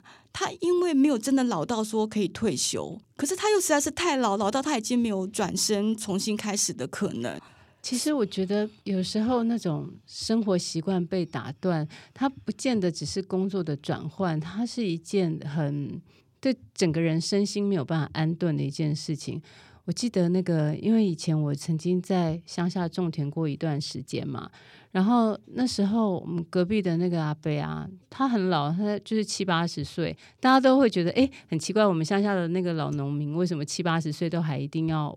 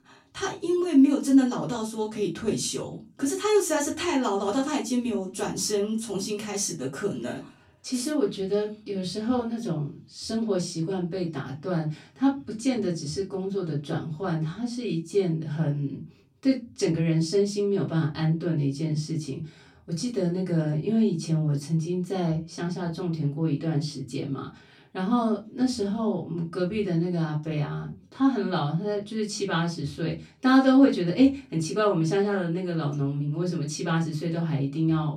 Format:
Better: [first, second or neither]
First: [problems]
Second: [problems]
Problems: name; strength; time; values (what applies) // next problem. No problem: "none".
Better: first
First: none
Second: off-mic speech; far // room echo; very slight; dies away in 0.2 s